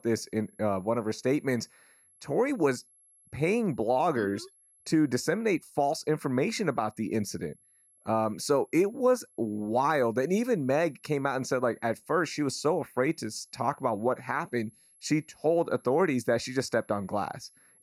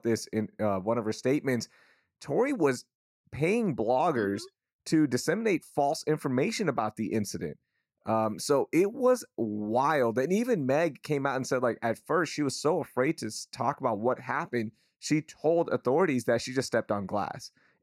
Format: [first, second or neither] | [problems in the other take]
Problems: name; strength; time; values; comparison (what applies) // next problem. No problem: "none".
second | high-pitched whine; faint; throughout; 11 kHz, 30 dB below the speech